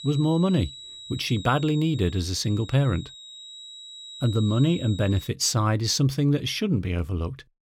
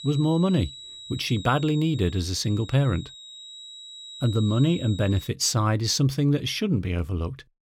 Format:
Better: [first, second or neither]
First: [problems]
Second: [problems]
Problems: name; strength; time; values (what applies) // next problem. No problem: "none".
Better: neither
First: high-pitched whine; noticeable; until 5.5 s; 4 kHz, 15 dB below the speech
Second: high-pitched whine; noticeable; until 5.5 s; 4 kHz, 15 dB below the speech